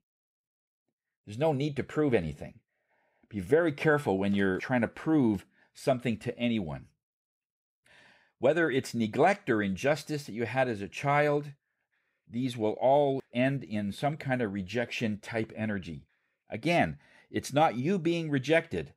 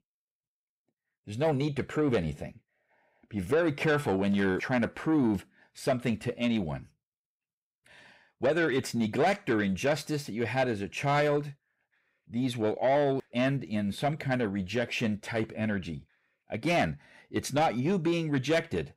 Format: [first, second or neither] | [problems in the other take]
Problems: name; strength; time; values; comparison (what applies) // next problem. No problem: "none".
first | distortion; slight; 10 dB below the speech